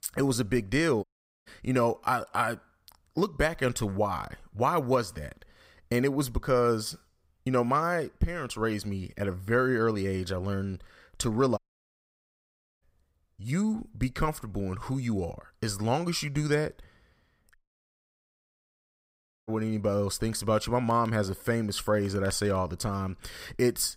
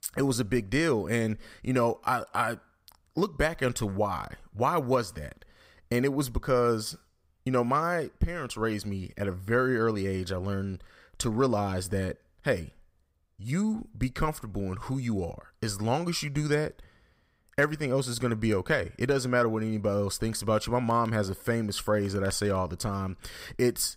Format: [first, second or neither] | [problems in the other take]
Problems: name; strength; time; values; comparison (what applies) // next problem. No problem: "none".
second | audio cutting out; at 1 s, at 12 s for 1 s and at 18 s for 2 s